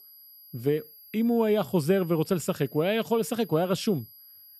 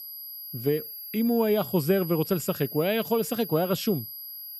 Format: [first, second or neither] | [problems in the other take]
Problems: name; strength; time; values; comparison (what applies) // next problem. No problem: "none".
first | high-pitched whine; loud; throughout; 12 kHz, 10 dB below the speech; faint in the first